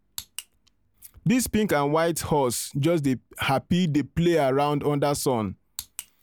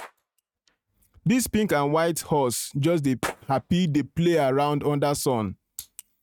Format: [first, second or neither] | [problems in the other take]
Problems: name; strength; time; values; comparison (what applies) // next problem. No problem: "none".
first | noise reduction (neural mask model RNNoise)